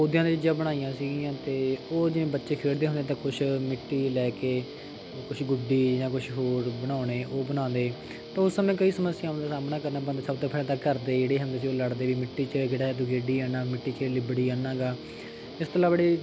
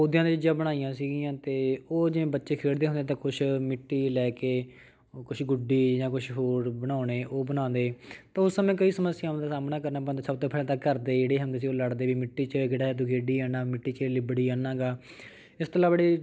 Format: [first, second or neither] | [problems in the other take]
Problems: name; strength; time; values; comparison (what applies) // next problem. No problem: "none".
second | background sound (Guitar); 14 dB below the speech